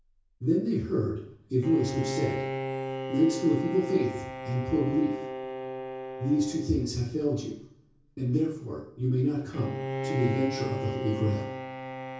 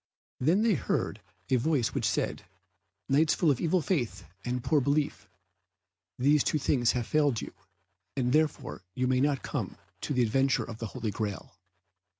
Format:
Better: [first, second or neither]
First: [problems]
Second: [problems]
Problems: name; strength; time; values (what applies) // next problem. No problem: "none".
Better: second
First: background sound (Bowed string instrument); 7 dB below the speech // room echo; dies away in 0.6 s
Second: none